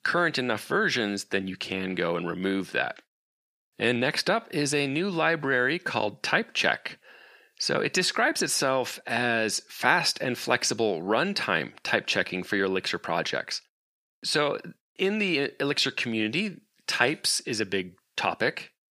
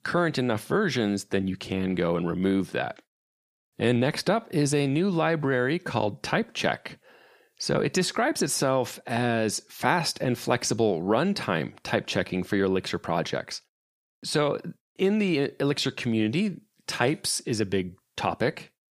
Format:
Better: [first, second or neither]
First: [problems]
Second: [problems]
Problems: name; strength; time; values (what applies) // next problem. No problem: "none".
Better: second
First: thin; very slightly; fading below 300 Hz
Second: none